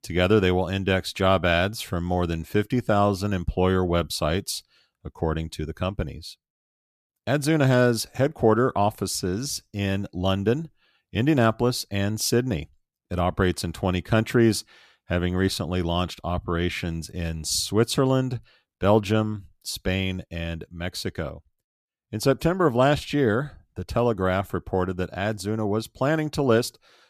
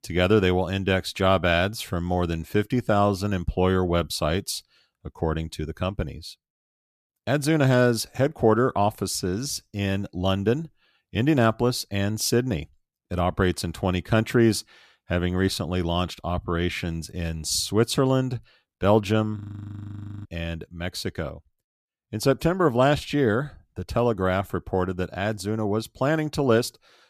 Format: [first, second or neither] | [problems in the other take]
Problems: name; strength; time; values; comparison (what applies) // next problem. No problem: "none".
first | audio freezing; at 19 s for 1 s